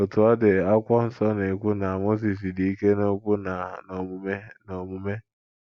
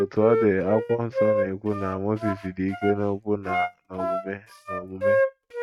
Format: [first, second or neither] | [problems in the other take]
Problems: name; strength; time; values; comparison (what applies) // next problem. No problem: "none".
first | noise reduction (neural mask model RNNoise)